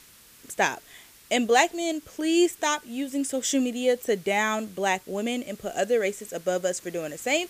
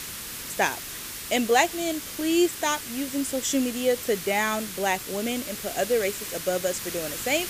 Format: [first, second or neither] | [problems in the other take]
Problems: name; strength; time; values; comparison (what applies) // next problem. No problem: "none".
first | hiss; loud; throughout; 7 dB below the speech; faint in the first